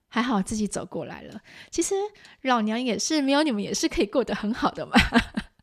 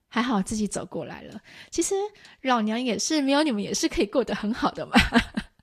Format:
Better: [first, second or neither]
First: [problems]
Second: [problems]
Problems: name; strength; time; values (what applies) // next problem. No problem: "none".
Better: first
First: none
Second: garbled, watery; slightly; nothing above 14.5 kHz